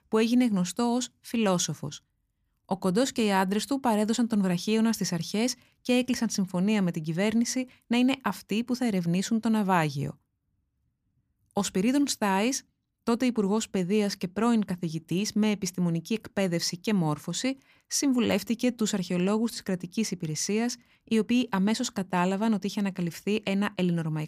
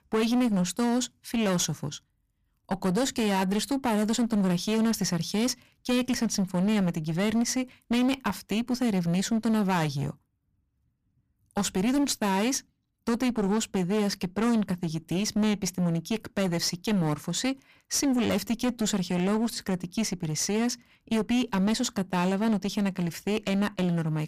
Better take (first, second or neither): first